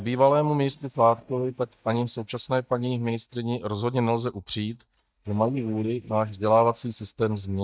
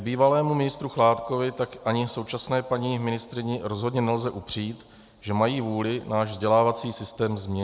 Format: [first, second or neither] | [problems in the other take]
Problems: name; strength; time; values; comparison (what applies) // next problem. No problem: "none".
second | noise reduction (neural mask model DeepFilterNet 3)